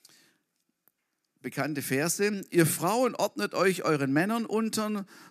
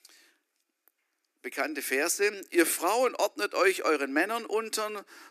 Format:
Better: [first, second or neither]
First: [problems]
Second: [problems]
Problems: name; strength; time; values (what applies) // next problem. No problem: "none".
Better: first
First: none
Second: thin; somewhat; fading below 300 Hz